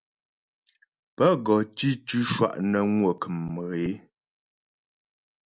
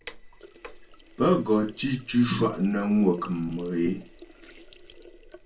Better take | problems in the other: first | background sound (Sink (filling or washing)); 20 dB below the speech // room echo; dies away in 0.2 s

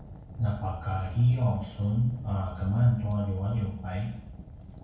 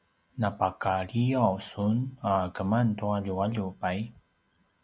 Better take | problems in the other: second | background sound (Fire); 15 dB below the speech // room echo; dies away in 0.6 s

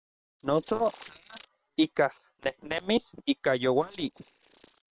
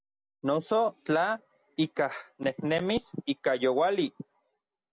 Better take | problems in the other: second | noise reduction (neural separator model SepFormer WHAM!)

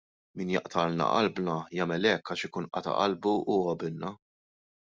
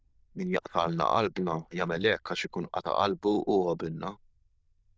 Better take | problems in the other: first | noise reduction (neural diffusion model UNIVERSE++)

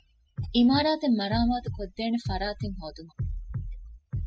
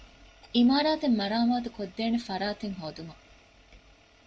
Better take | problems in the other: second | noise reduction (classical method spectral subtraction)

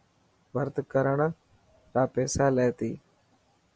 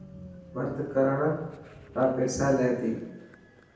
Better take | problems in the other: first | background sound (Train); 18 dB below the speech // room echo; dies away in 0.9 s

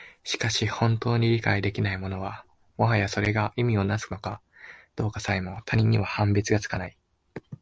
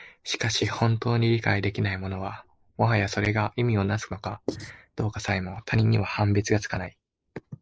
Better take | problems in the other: first | noise reduction (neural mask model Resemble Enhance denoiser)

